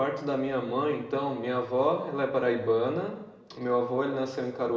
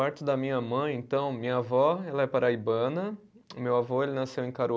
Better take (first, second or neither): second